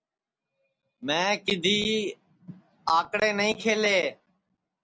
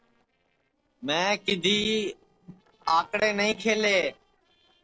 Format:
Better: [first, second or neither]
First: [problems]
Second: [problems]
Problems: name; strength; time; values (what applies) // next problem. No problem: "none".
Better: first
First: none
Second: noise reduction (neural separator model SepFormer DNS4)